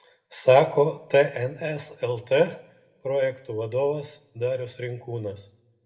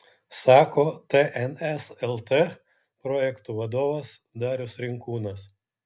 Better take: second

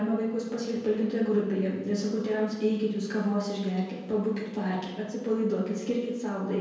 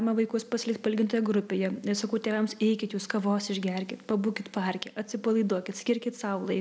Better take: second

